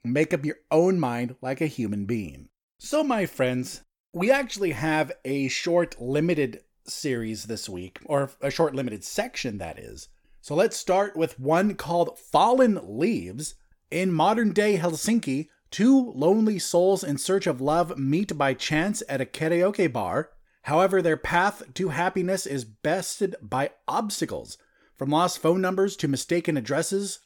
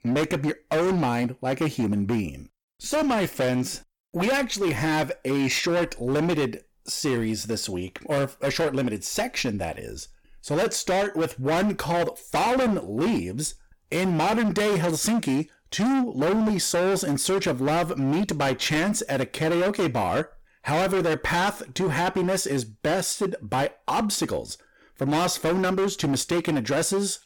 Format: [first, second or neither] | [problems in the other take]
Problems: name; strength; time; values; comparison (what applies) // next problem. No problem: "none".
first | distortion; heavy; 22% of the sound clipped